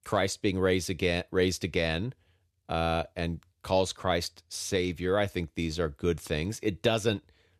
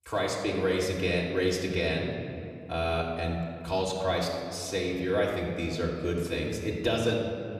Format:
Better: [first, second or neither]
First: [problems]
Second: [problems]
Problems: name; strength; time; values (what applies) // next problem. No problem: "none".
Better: first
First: none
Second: off-mic speech; far // room echo; noticeable; dies away in 2.1 s